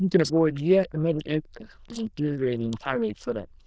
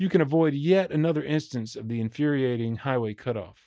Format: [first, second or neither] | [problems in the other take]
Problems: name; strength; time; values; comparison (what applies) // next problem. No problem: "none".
second | noise reduction (neural diffusion model UNIVERSE++)